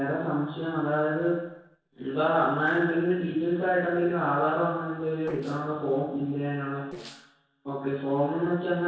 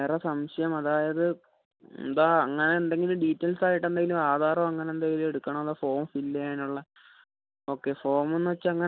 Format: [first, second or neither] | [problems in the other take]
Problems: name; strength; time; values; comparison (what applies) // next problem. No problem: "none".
second | noise reduction (neural separator model SepFormer DNS4)